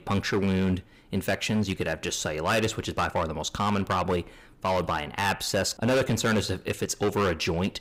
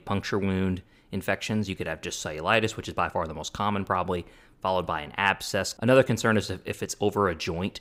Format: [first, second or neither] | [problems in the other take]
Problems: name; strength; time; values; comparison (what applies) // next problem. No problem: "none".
second | distortion; heavy; 10% of the sound clipped